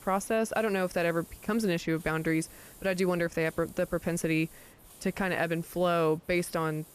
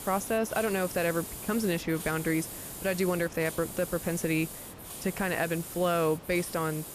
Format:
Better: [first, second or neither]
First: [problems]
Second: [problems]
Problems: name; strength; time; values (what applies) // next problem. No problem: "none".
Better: first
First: hiss; faint; throughout; 20 dB below the speech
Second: hiss; loud; throughout; 9 dB below the speech